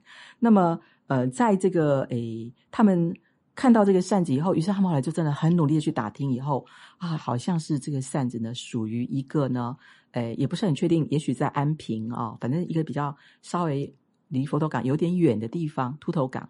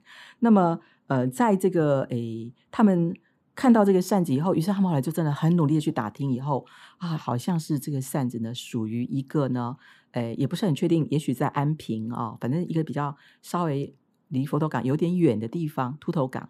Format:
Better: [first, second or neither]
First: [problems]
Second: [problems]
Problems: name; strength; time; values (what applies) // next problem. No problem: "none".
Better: second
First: garbled, watery; slightly; nothing above 10.5 kHz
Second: none